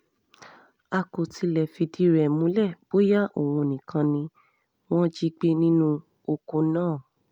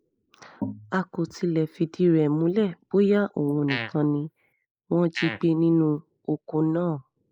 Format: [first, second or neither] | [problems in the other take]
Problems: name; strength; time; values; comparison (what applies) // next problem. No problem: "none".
first | noise reduction (neural mask model Resemble Enhance denoiser)